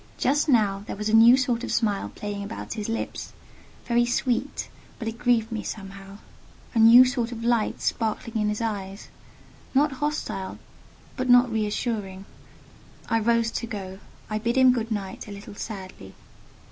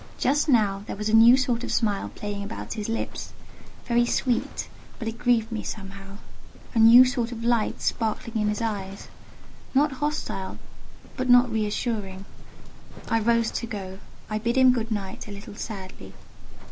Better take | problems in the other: first | background sound (Livestock, farm animals, working animals); 4 dB below the speech

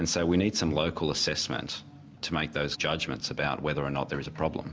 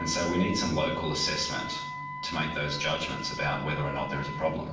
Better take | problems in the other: first | background sound (Wind instrument, woodwind instrument); 8 dB below the speech // room echo; dies away in 0.6 s

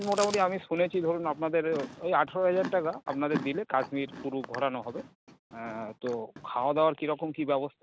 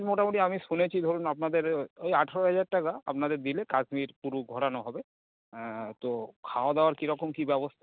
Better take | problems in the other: second | background sound (Chewing, mastication); 14 dB below the speech

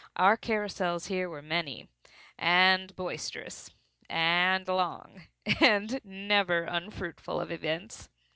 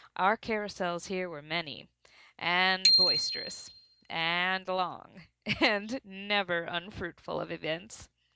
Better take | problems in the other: first | background sound (Bicycle bell); 2 dB above the speech

